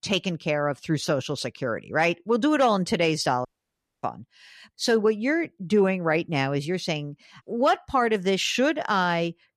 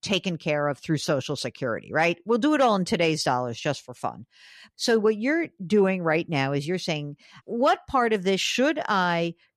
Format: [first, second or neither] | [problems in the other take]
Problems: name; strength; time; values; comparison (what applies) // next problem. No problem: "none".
second | audio cutting out; at 3.5 s for 0.5 s